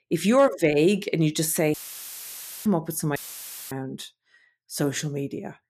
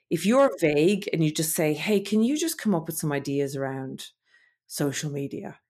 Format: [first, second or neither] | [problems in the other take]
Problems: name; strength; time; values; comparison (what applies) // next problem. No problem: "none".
second | audio cutting out; filled with static; at 1.5 s for 1 s and at 3 s for 0.5 s